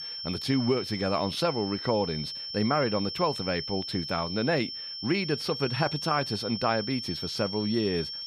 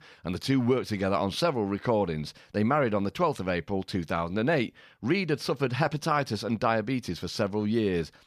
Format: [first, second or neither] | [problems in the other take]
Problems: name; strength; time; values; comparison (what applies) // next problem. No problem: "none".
second | high-pitched whine; loud; throughout; 5.5 kHz, 5 dB below the speech